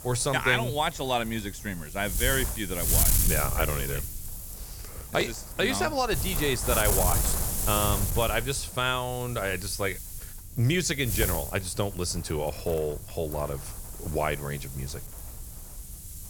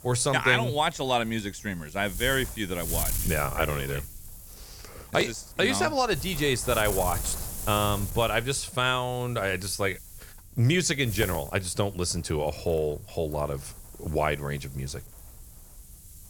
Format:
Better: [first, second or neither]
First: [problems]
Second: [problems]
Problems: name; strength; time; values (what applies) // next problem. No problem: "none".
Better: second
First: wind noise on the microphone; heavy; 6 dB below the speech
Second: wind noise on the microphone; occasional gusts; 15 dB below the speech